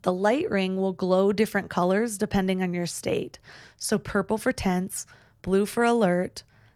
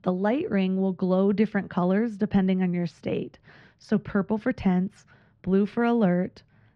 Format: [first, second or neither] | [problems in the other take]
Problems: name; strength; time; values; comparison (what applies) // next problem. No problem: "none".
first | muffled; slightly; fading above 3.5 kHz